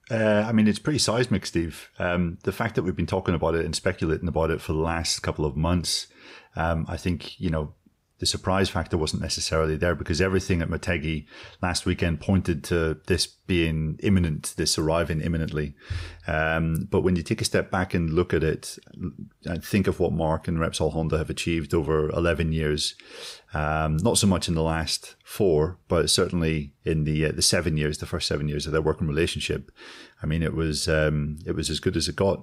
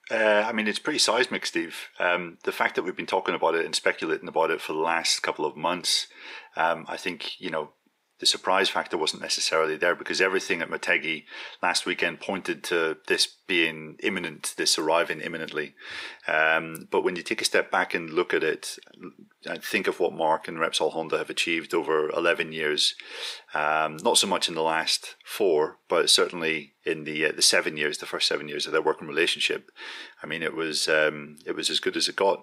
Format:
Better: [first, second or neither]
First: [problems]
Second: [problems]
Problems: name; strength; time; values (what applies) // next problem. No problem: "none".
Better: first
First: none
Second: thin; very; fading below 300 Hz